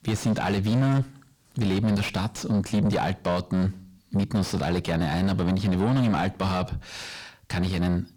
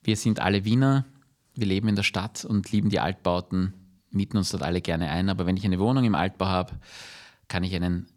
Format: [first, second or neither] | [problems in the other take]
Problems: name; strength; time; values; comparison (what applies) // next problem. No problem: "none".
second | distortion; heavy; 7 dB below the speech